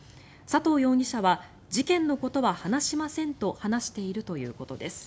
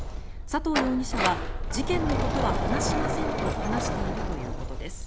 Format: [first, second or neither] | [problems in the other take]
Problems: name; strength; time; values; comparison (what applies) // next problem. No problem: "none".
first | background sound (Sliding door); 3 dB above the speech